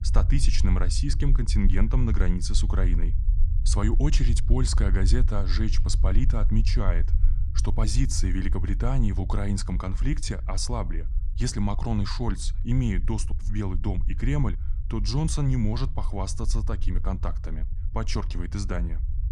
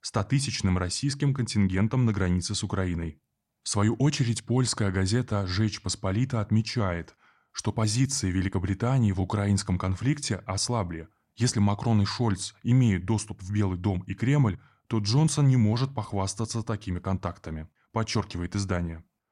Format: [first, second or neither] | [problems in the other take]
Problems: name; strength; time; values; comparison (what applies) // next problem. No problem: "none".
second | low rumble; noticeable; throughout; 15 dB below the speech